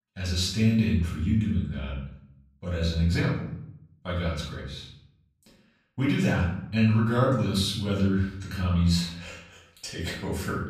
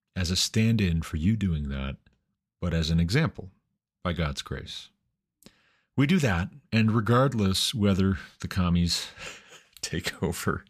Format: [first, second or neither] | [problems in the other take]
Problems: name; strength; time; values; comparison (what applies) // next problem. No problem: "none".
second | off-mic speech; far // room echo; noticeable; dies away in 0.6 s